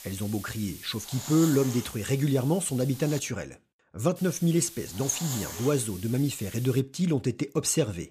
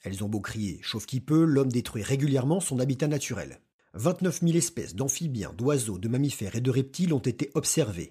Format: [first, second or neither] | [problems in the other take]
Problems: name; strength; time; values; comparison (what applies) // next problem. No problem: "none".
second | hiss; noticeable; until 3 s and from 4 to 7 s; 10 dB below the speech